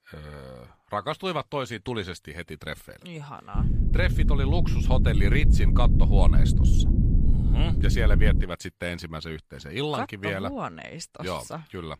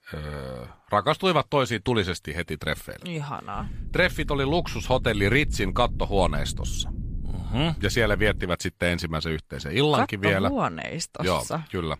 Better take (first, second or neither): second